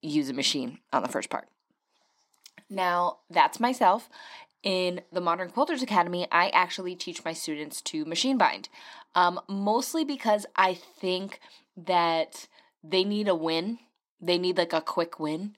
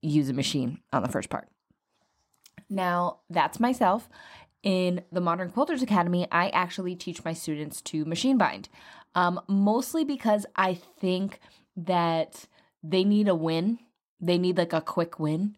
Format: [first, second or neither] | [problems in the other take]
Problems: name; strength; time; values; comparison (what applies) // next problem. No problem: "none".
second | thin; somewhat; fading below 300 Hz